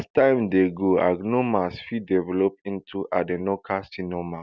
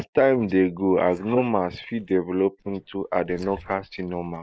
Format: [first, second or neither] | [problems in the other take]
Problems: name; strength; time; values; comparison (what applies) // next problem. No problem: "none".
first | noise reduction (neural mask model Resemble Enhance denoiser)